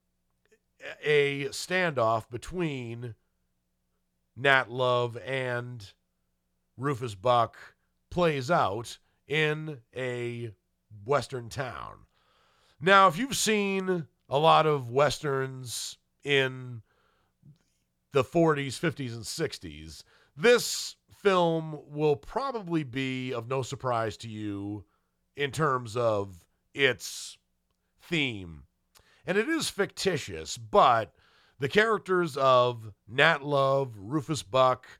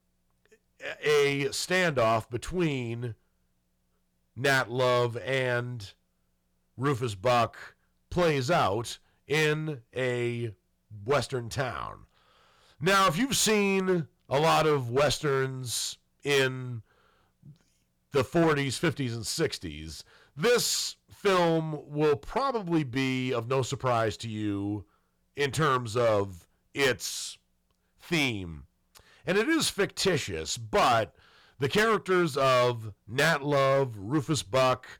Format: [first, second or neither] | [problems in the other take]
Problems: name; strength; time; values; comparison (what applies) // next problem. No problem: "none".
first | distortion; heavy; 7% of the sound clipped